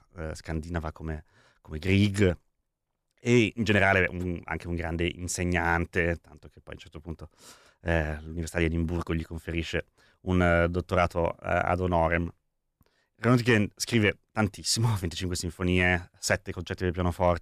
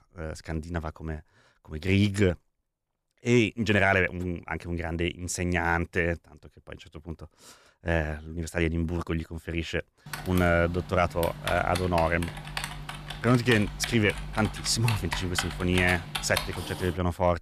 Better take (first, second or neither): first